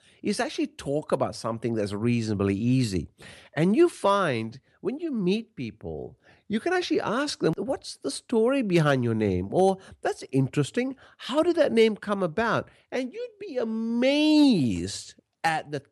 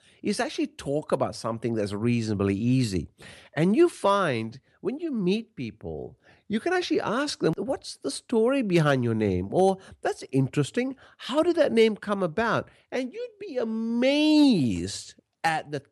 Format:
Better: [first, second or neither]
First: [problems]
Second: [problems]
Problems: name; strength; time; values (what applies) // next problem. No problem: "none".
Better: neither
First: none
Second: none